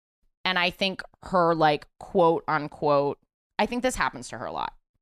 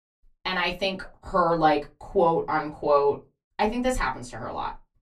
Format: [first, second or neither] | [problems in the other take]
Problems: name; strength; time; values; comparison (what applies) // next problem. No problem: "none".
first | off-mic speech; far // room echo; very slight; dies away in 0.2 s